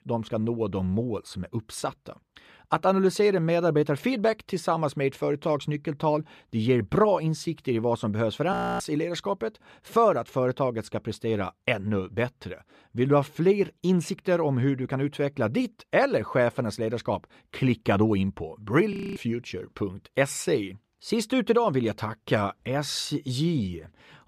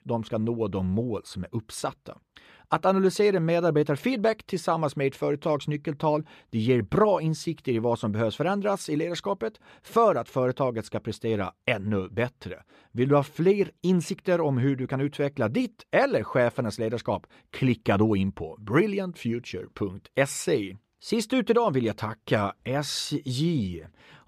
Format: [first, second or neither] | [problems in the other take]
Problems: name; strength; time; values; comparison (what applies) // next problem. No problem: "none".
second | audio freezing; at 8.5 s and at 19 s